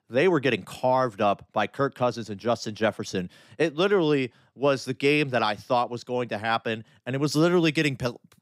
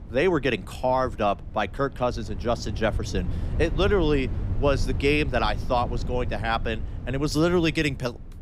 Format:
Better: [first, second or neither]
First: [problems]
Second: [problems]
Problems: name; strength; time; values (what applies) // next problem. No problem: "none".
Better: first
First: none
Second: wind noise on the microphone; occasional gusts; 20 dB below the speech